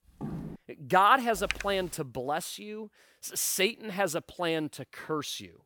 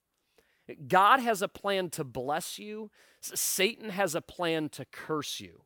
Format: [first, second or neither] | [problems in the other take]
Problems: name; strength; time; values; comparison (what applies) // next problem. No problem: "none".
second | footsteps; noticeable; at the start; peak 10 dB below the speech // keyboard typing; noticeable; at 1.5 s; peak 7 dB below the speech